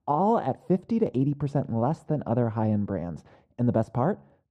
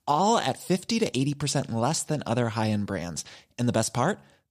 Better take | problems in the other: second | muffled; very; fading above 2 kHz

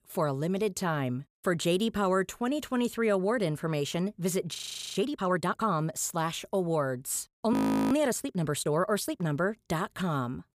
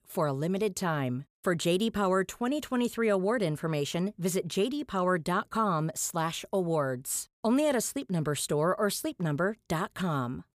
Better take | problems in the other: second | audio freezing; at 4.5 s and at 7.5 s

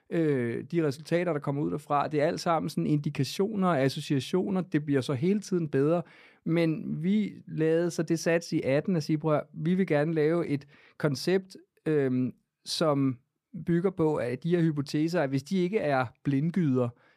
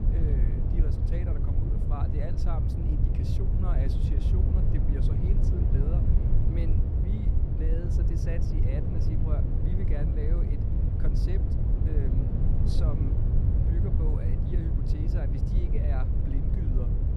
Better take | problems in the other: first | wind noise on the microphone; heavy; 3 dB above the speech

